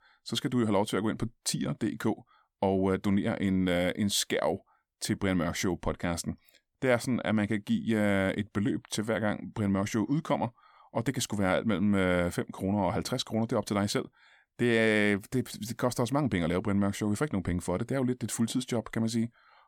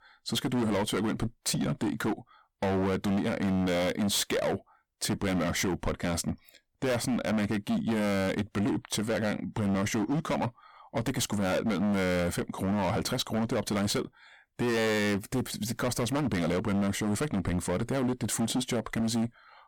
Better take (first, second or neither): first